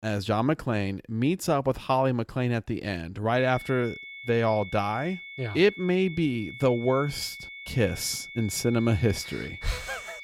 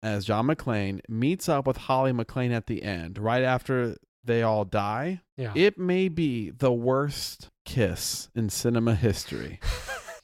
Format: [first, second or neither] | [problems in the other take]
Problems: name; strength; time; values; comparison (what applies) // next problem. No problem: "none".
second | high-pitched whine; noticeable; from 3.5 s on; 2 kHz, 15 dB below the speech